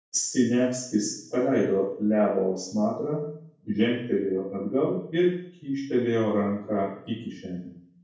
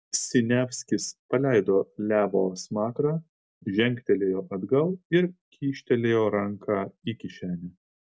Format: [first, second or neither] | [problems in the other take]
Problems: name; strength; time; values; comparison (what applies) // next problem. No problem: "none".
second | room echo; dies away in 0.6 s